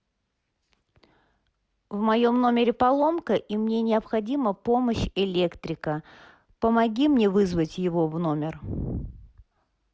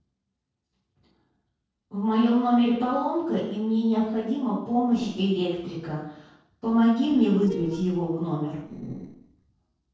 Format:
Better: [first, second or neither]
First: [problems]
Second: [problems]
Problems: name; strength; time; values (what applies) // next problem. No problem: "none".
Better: first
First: none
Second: noise reduction (neural separator model SepFormer DNS4)